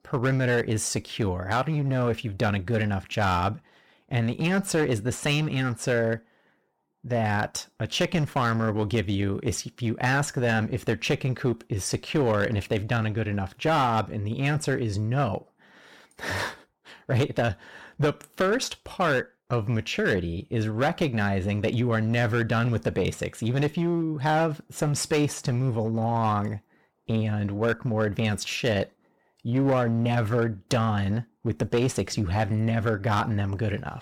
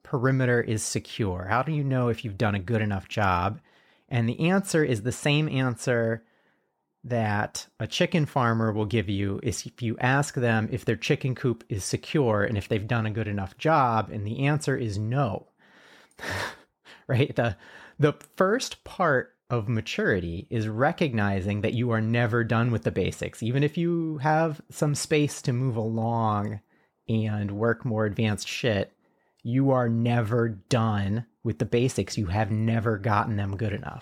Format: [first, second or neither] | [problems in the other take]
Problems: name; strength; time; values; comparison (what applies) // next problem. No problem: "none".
second | distortion; slight; 9% of the sound clipped